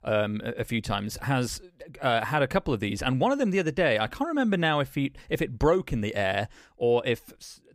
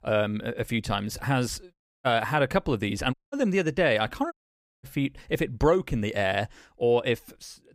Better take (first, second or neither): first